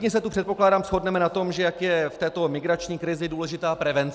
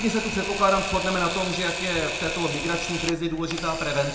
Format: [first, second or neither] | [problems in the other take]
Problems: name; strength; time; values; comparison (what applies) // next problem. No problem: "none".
first | background sound (Camera); 6 dB below the speech // room echo; dies away in 1.6 s